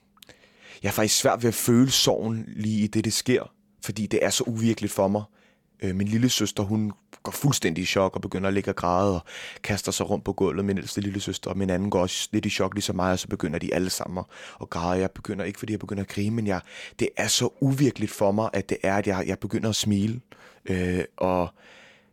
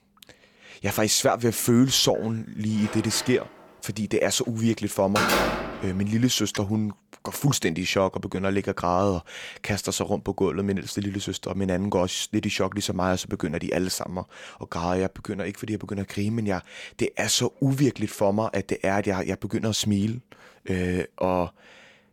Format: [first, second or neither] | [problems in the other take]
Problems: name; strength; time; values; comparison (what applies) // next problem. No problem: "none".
first | door banging; loud; from 3 to 6.5 s; peak 4 dB above the speech